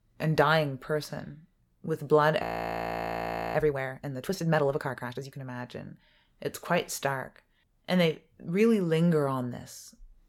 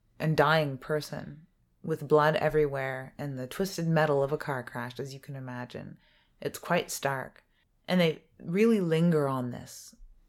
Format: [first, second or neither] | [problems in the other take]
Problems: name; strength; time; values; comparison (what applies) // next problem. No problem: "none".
second | audio freezing; at 2.5 s for 1 s